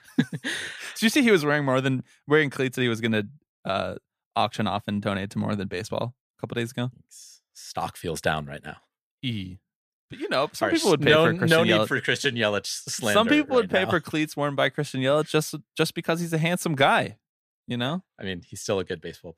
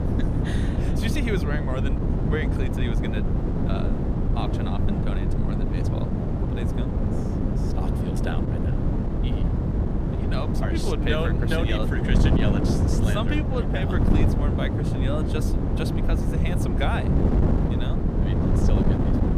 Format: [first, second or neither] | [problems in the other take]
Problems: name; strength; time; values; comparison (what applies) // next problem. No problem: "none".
first | wind noise on the microphone; heavy; 1 dB above the speech